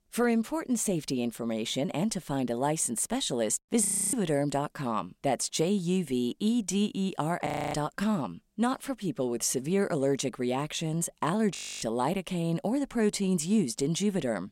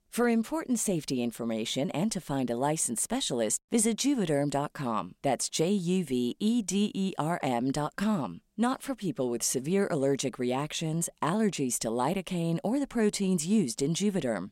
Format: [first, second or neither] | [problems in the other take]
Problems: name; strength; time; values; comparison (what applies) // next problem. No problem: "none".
second | audio freezing; at 4 s, at 7.5 s and at 12 s